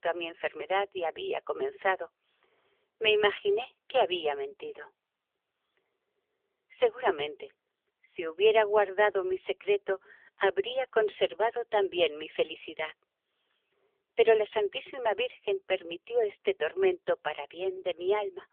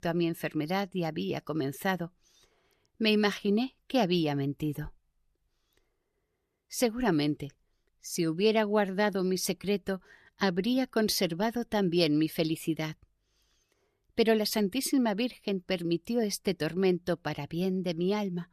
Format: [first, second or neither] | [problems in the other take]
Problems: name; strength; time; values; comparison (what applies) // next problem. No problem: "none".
second | phone-call audio; poor line; nothing above 3 kHz